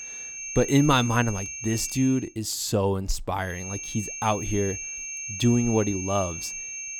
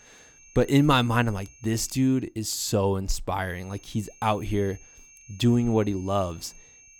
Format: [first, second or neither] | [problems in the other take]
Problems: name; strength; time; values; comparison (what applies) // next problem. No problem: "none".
second | high-pitched whine; loud; until 2 s and from 3.5 s on; 6.5 kHz, 7 dB below the speech; faint in the second